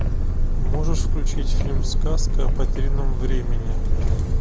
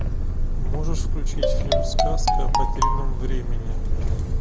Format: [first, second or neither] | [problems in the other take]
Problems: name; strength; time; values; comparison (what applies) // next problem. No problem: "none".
first | background sound (Marimba, xylophone); 4 dB below the speech